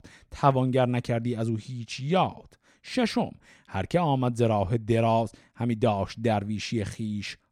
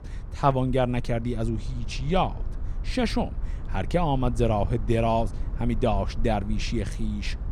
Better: first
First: none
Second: low rumble; faint; throughout; 20 dB below the speech

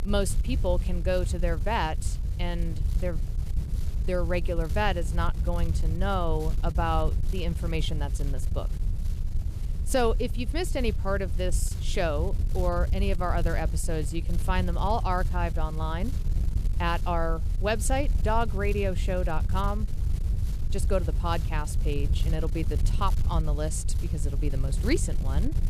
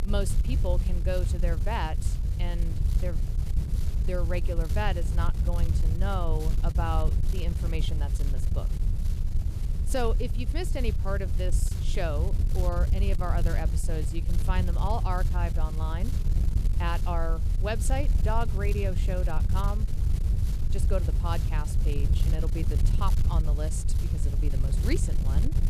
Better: first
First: wind noise on the microphone; occasional gusts; 15 dB below the speech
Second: wind noise on the microphone; heavy; 8 dB below the speech

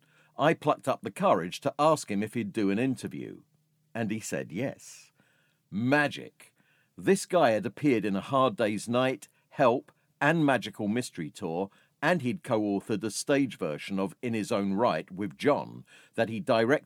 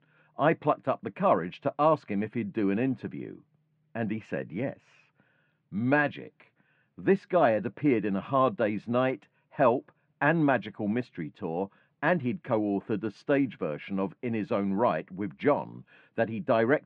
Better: first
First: none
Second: muffled; very; fading above 2.5 kHz

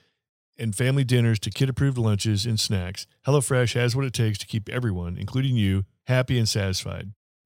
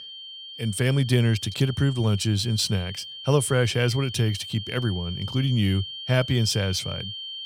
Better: first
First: none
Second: high-pitched whine; noticeable; throughout; 3 kHz, 10 dB below the speech

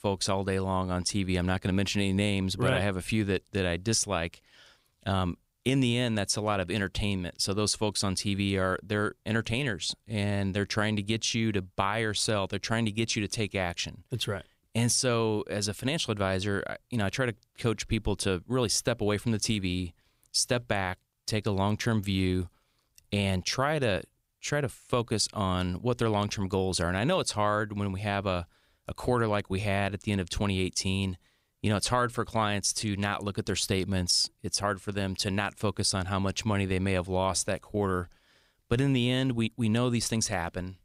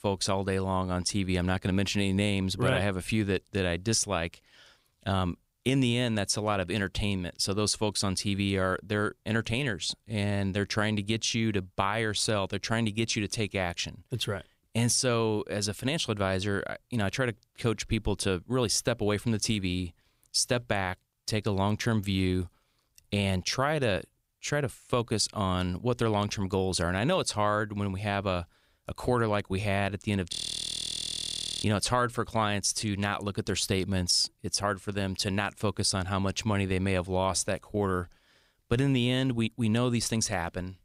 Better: first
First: none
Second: audio freezing; at 30 s for 1.5 s

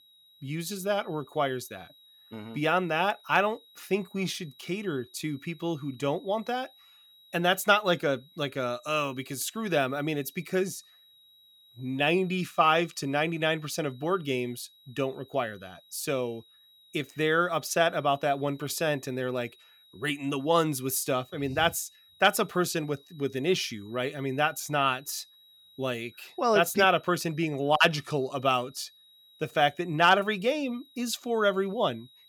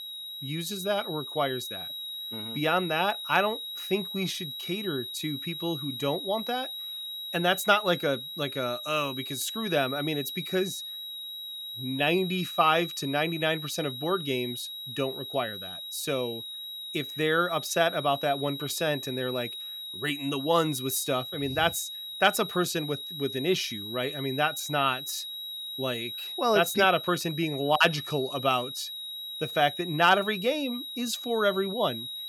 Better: first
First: high-pitched whine; faint; throughout; 4 kHz, 25 dB below the speech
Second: high-pitched whine; loud; throughout; 4 kHz, 7 dB below the speech

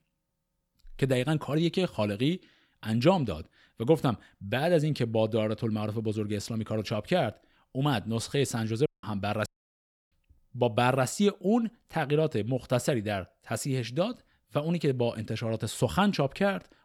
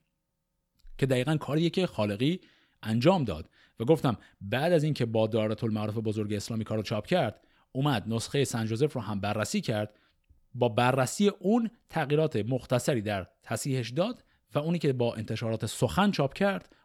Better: second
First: audio cutting out; at 9 s and at 9.5 s for 0.5 s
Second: none

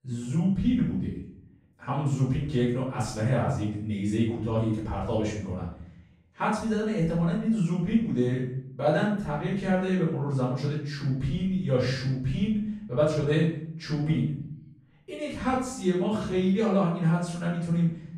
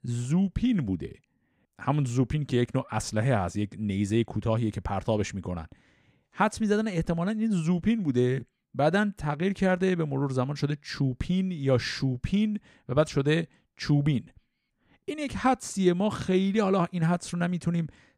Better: second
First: off-mic speech; far // room echo; noticeable; dies away in 0.6 s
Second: none

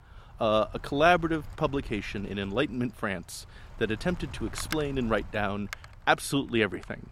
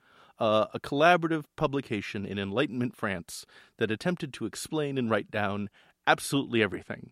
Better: second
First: wind noise on the microphone; occasional gusts; 15 dB below the speech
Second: none

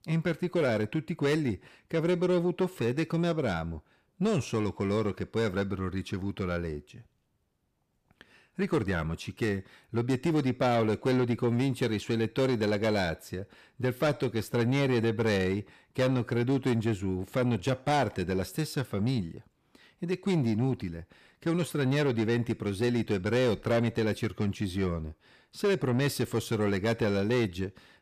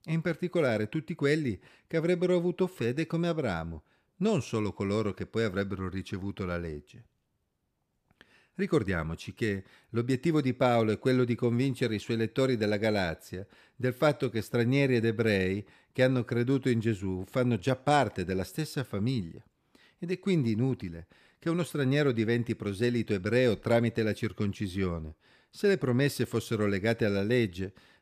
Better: second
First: distortion; slight; 10 dB below the speech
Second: none

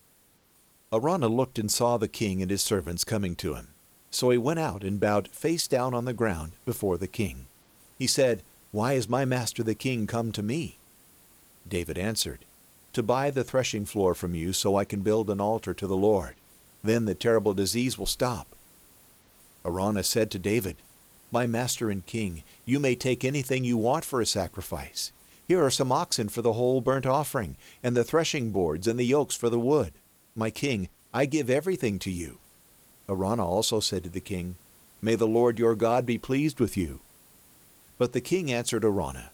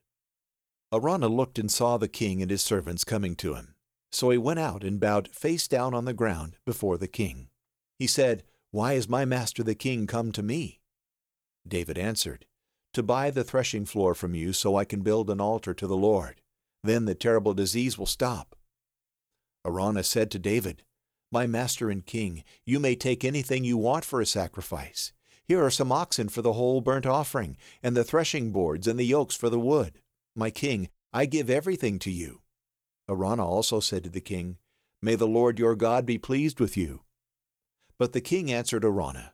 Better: second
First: hiss; faint; throughout; 30 dB below the speech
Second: none

